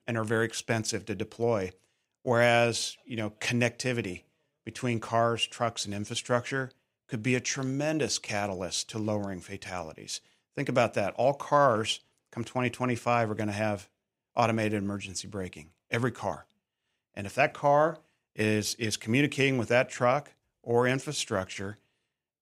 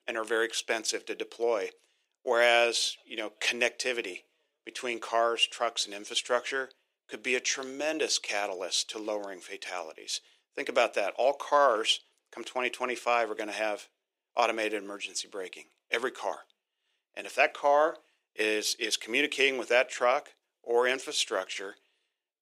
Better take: first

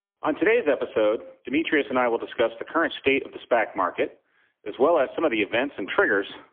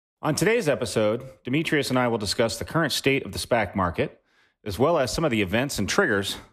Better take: second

